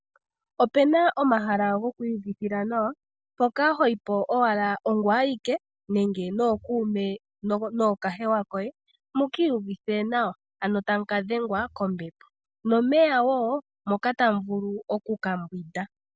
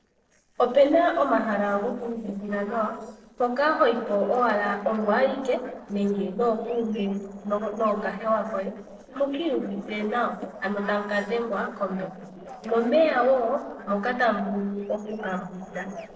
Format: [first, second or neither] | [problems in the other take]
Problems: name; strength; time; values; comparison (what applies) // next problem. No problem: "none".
first | noise reduction (neural separator model SepFormer DNS4)